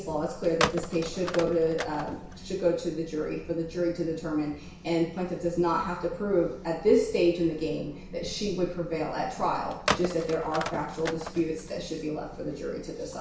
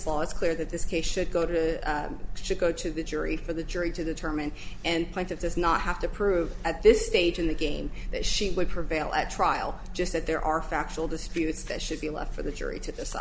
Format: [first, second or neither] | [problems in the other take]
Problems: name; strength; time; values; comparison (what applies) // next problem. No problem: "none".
second | background sound (Telephone); 6 dB below the speech // room echo; dies away in 0.6 s